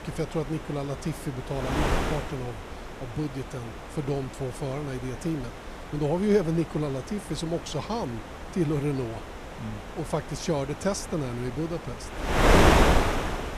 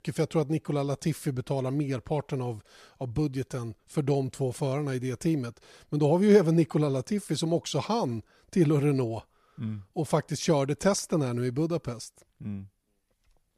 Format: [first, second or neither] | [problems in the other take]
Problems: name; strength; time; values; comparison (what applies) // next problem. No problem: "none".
second | wind noise on the microphone; heavy; 3 dB above the speech